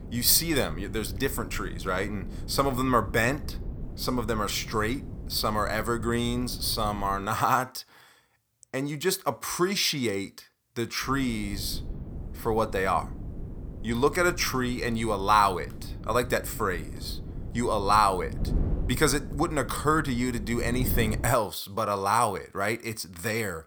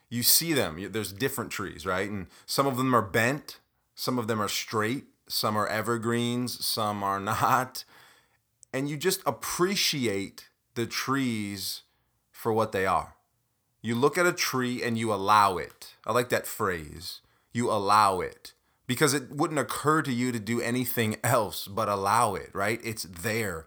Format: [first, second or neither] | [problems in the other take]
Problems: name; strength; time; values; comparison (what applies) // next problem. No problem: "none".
second | wind noise on the microphone; occasional gusts; until 7 s and from 11 to 21 s; 20 dB below the speech